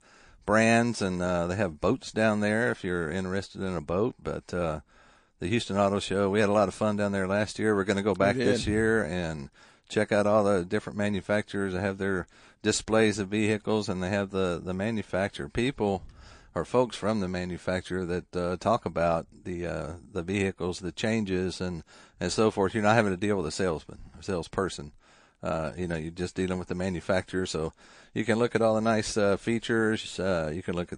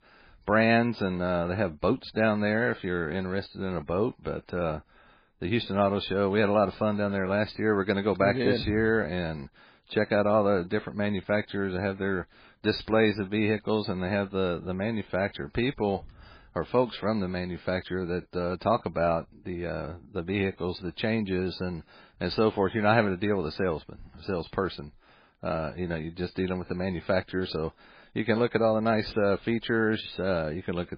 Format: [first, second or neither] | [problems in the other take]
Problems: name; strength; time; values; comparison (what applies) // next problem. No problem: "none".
first | garbled, watery; badly; nothing above 4 kHz; slightly in the first